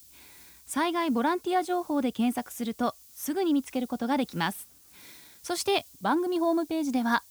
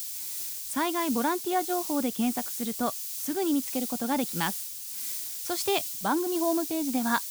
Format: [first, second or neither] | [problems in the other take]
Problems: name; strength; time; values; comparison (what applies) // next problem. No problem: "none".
first | hiss; loud; throughout; 3 dB below the speech; faint in the first